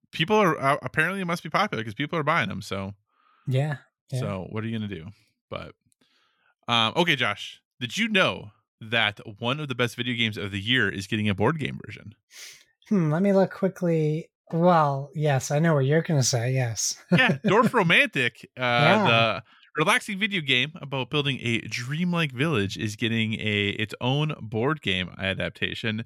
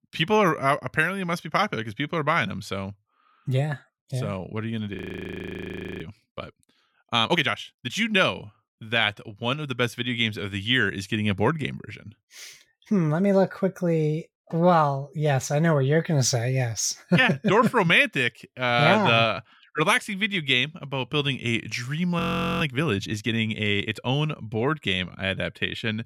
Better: first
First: none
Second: audio freezing; at 5 s for 1 s and at 22 s

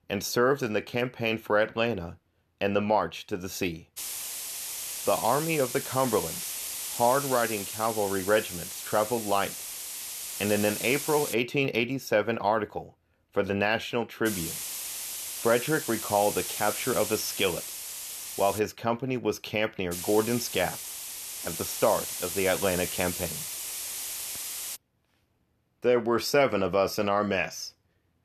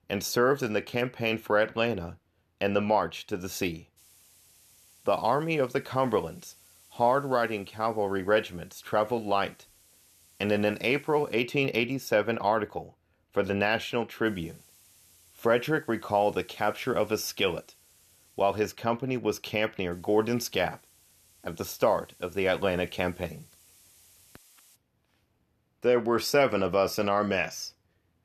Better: second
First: hiss; loud; from 4 to 11 s, from 14 to 19 s and from 20 to 25 s; 6 dB below the speech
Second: hiss; faint; from 4 to 11 s, from 14 to 19 s and from 20 to 25 s; 30 dB below the speech

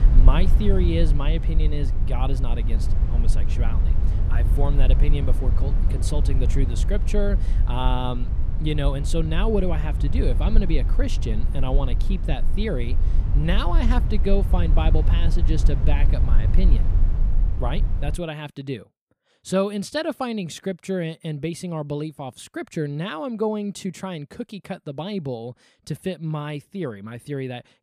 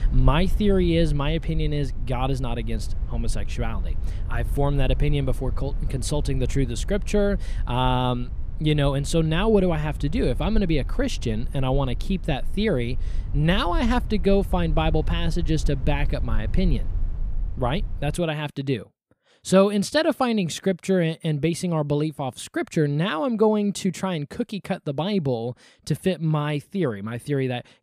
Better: second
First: low rumble; loud; until 18 s; 10 dB below the speech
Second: low rumble; faint; until 18 s; 20 dB below the speech

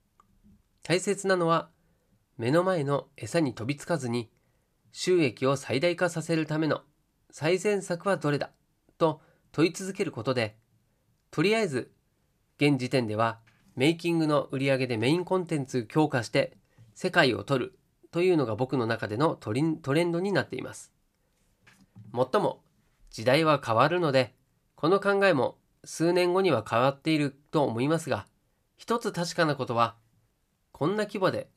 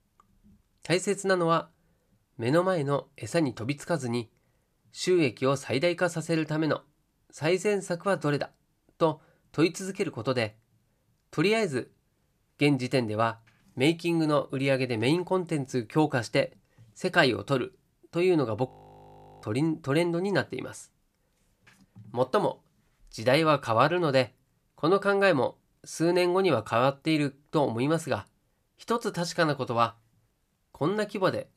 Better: first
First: none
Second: audio freezing; at 19 s for 0.5 s

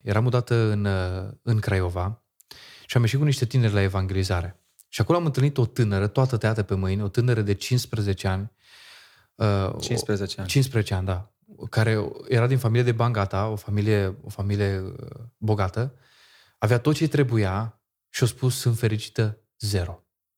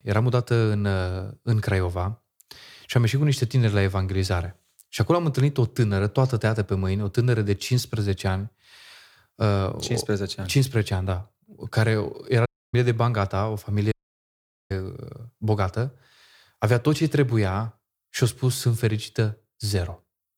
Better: first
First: none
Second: audio cutting out; at 12 s and at 14 s for 1 s

